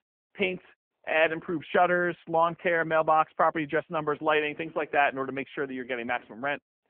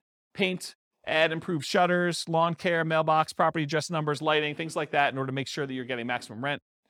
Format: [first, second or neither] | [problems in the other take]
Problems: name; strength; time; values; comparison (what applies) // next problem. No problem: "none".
second | phone-call audio; nothing above 3 kHz